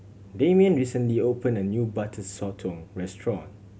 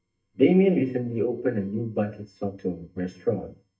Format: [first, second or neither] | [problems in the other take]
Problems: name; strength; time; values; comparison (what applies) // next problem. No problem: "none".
first | noise reduction (neural mask model DeepFilterNet 3)